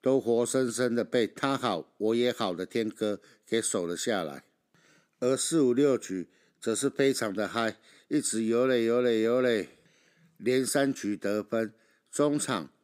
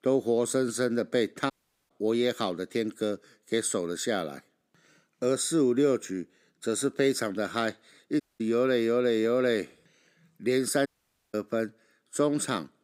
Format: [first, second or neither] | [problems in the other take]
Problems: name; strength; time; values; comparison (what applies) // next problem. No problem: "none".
first | audio cutting out; at 1.5 s, at 8 s and at 11 s